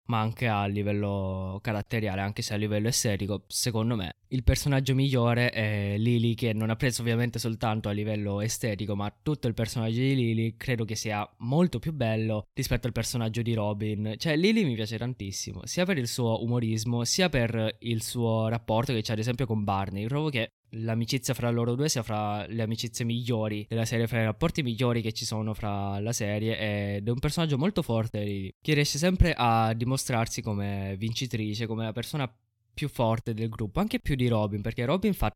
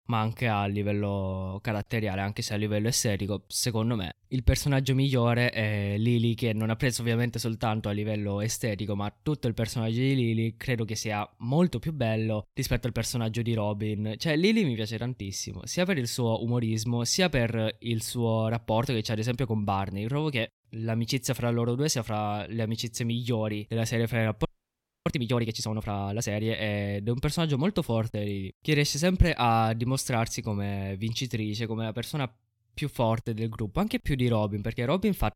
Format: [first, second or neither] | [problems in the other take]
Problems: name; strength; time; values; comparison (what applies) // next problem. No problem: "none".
first | audio freezing; at 24 s for 0.5 s